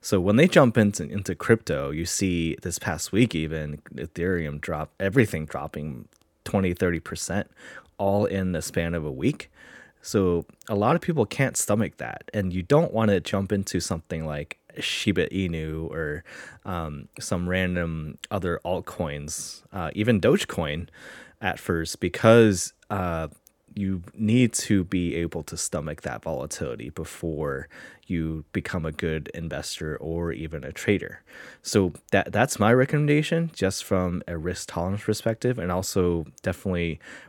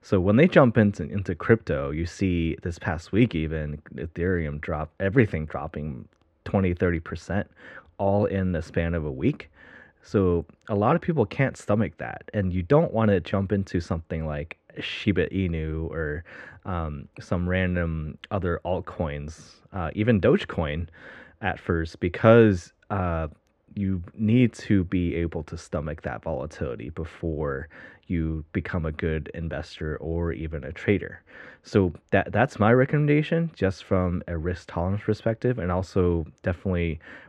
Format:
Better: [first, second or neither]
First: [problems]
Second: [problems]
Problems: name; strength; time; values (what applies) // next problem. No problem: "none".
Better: first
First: none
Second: muffled; slightly; fading above 2.5 kHz